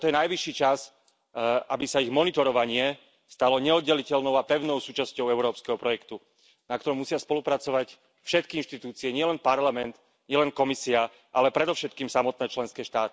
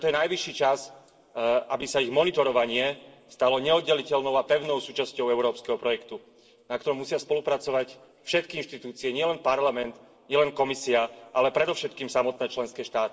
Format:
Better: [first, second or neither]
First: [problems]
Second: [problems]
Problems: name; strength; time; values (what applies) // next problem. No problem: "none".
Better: first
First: none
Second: room echo; dies away in 1.9 s